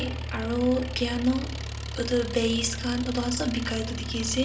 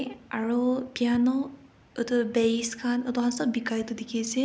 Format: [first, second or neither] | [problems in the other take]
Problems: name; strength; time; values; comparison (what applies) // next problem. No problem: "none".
second | background sound (Engine); 6 dB below the speech // room echo; dies away in 0.2 s